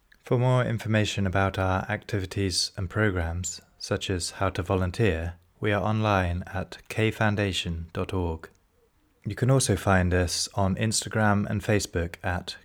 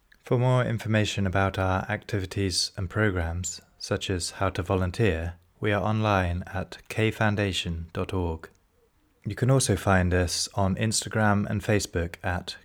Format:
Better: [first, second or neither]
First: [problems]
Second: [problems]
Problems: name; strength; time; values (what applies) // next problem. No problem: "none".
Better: neither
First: none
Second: none